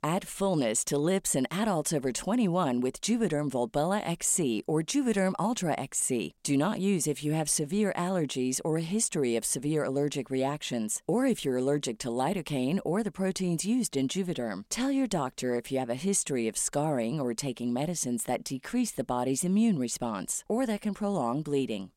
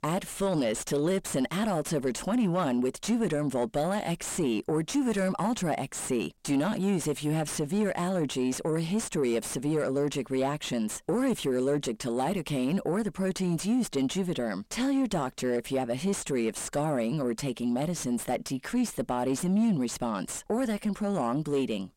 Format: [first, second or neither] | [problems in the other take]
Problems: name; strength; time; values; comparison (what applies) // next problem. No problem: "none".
first | distortion; slight; 9 dB below the speech